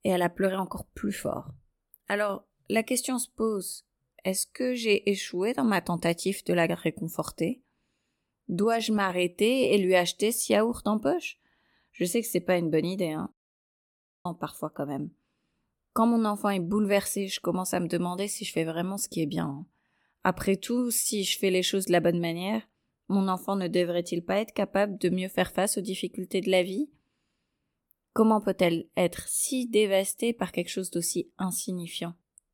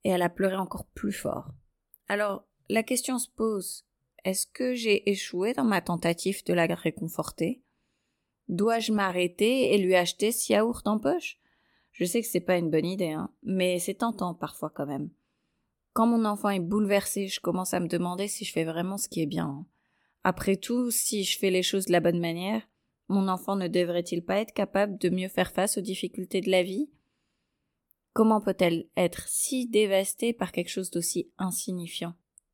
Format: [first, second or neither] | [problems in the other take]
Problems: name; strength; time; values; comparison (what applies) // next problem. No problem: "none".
second | audio cutting out; at 13 s for 1 s